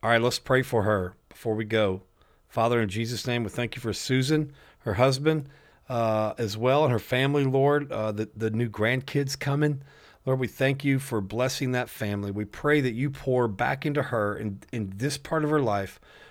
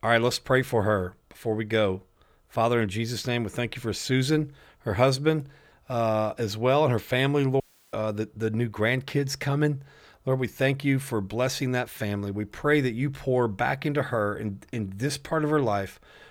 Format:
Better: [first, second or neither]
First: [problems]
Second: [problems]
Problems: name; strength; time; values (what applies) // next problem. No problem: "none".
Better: first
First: none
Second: audio cutting out; at 7.5 s